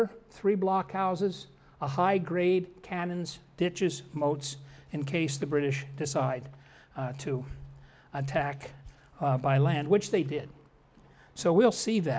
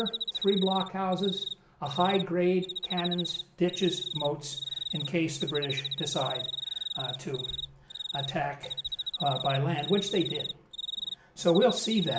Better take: first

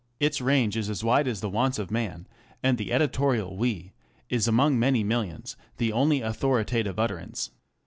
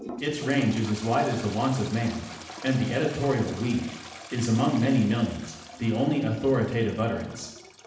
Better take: first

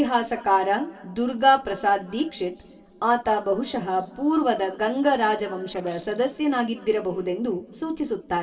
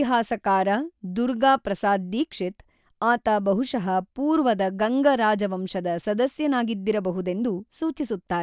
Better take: second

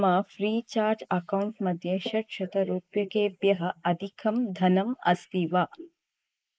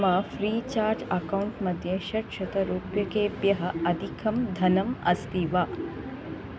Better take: second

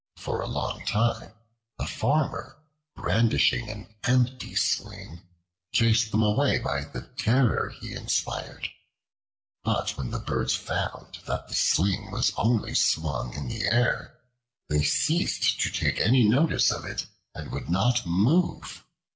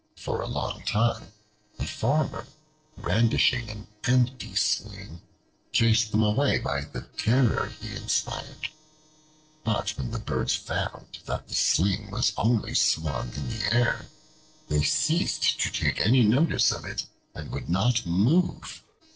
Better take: first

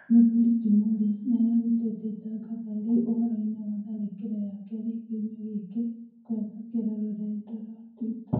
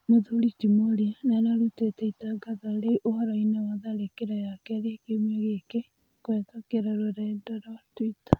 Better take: second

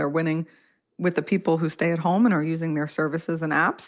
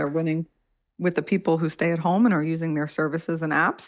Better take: first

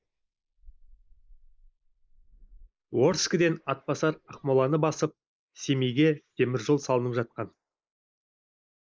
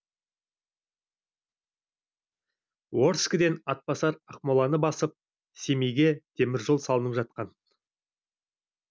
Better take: second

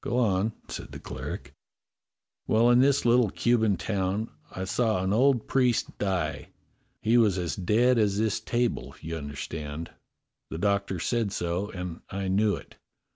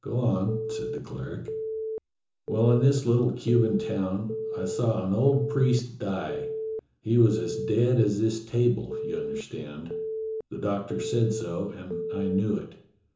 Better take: first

